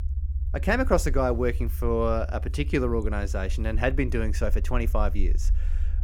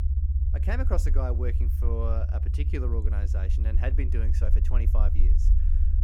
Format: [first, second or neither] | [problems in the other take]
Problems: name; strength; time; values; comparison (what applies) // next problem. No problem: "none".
first | low rumble; loud; throughout; 7 dB below the speech; faint in the first